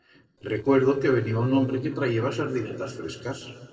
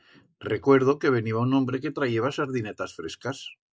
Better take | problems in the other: second | noise reduction (neural separator model SepFormer DNS4)

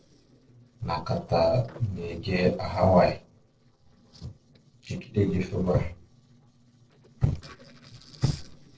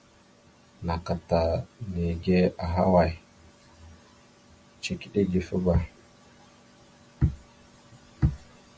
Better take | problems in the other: second | noise reduction (neural separator model SepFormer DNS4)

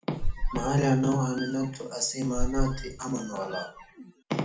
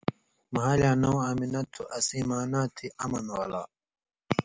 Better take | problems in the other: second | background sound (Squeak); 2 dB below the speech // room echo; dies away in 0.4 s

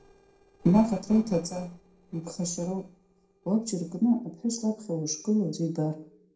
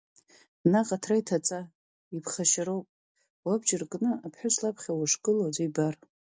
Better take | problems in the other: second | noise reduction (neural separator model SepFormer DNS4)

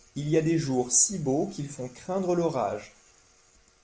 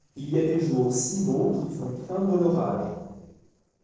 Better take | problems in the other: first | noise reduction (neural separator model SepFormer DNS4)

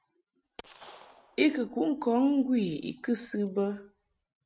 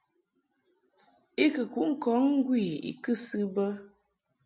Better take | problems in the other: second | noise reduction (neural mask model RNNoise)

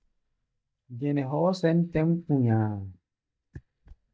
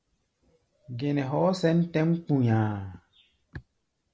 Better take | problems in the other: second | noise reduction (neural mask model DeepFilterNet 3)

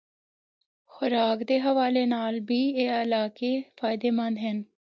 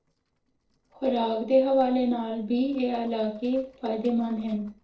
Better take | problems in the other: first | noise reduction (neural separator model SepFormer DNS4)

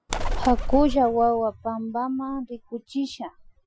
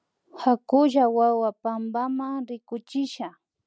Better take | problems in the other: second | noise reduction (classical method Wiener filter)

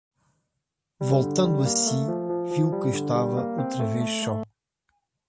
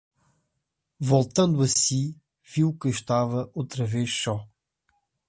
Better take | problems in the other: second | background sound (Piano); as loud as the speech

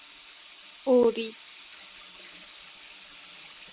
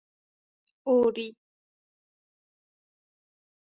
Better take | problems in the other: second | background sound (Sink (filling or washing) / Water tap, faucet); 18 dB below the speech

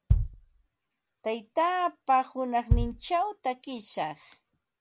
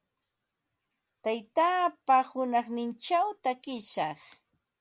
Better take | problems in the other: second | background sound (Bass drum); 1 dB below the speech

